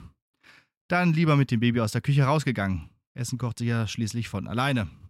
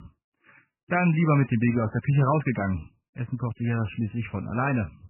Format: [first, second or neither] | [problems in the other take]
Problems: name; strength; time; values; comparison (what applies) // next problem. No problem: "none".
first | garbled, watery; badly; nothing above 2.5 kHz